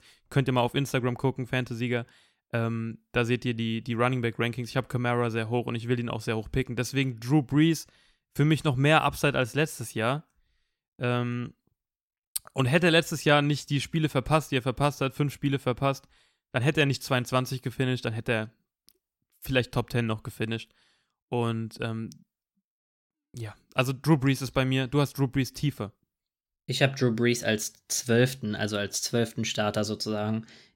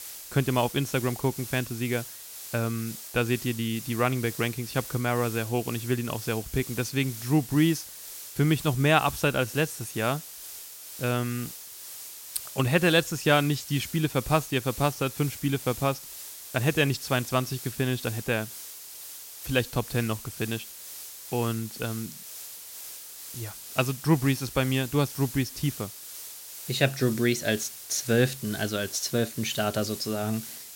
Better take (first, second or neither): first